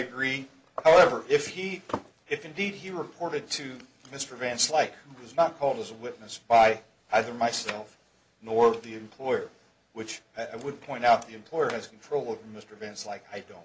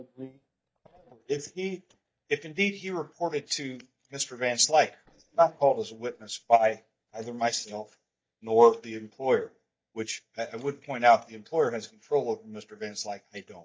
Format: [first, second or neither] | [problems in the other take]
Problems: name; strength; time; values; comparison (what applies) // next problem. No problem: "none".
first | noise reduction (neural mask model DeepFilterNet 3)